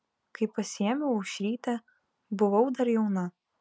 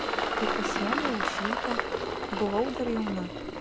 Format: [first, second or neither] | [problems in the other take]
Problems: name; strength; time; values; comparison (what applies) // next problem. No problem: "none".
first | background sound (Engine); 2 dB above the speech